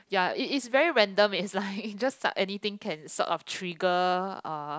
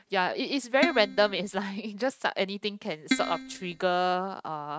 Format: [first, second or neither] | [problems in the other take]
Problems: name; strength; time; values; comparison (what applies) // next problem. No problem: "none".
first | noise reduction (neural mask model RNNoise)